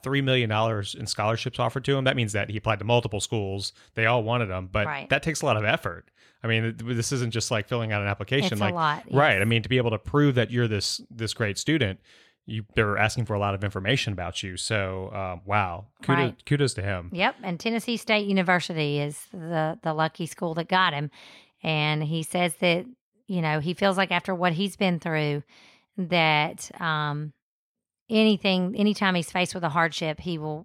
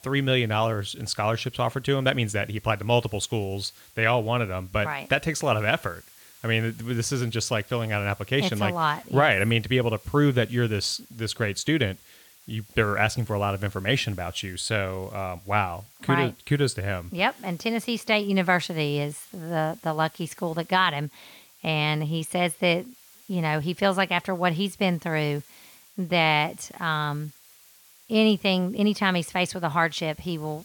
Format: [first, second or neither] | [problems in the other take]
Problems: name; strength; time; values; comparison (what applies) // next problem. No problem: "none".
first | hiss; faint; throughout; 25 dB below the speech